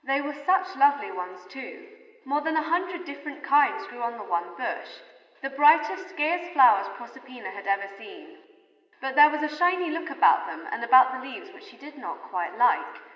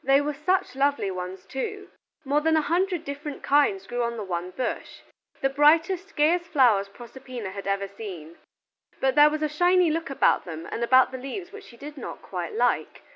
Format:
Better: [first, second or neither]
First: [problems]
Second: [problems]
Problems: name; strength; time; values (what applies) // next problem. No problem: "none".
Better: second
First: room echo; dies away in 2.2 s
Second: none